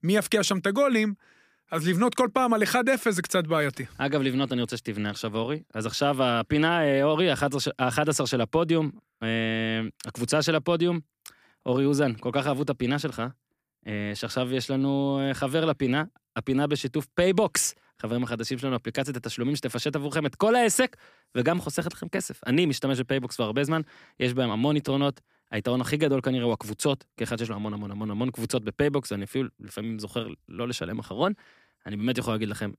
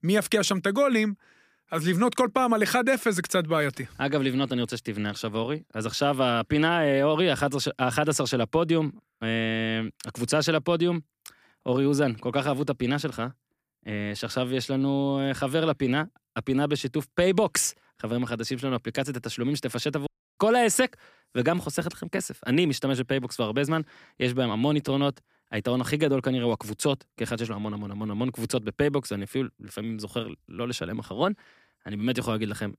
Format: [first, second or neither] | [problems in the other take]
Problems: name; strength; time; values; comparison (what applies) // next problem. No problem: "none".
first | audio cutting out; at 20 s